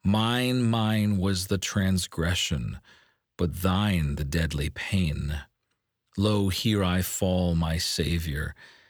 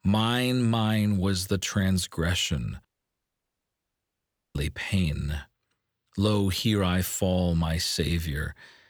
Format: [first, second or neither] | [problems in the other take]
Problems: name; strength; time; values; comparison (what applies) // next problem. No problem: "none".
first | audio cutting out; at 3 s for 1.5 s